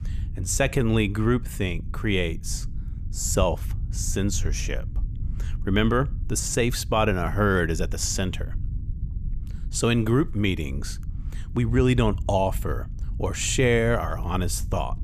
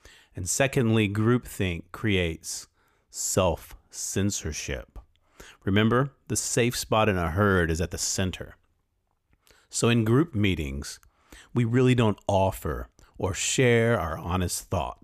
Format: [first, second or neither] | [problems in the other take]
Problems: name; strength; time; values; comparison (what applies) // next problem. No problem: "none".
second | low rumble; faint; throughout; 20 dB below the speech